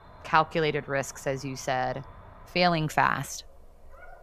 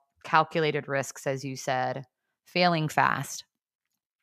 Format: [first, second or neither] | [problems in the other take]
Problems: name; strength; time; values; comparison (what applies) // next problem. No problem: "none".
second | animal sounds; faint; throughout; 25 dB below the speech